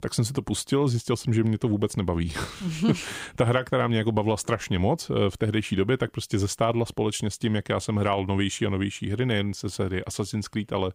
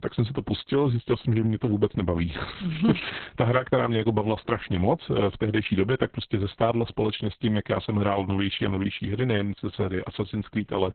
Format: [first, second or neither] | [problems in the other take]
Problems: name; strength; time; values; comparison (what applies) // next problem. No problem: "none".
first | garbled, watery; badly; nothing above 4 kHz